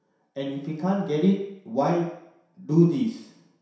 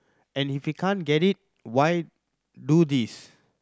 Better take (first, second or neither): second